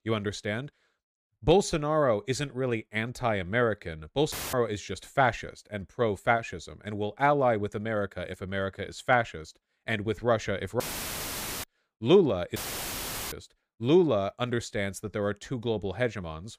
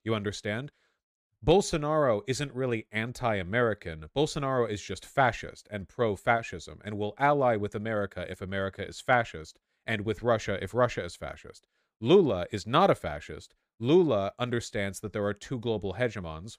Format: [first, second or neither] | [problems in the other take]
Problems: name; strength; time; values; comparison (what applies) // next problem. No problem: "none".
second | audio cutting out; filled with static; at 4.5 s, at 11 s for 1 s and at 13 s for 1 s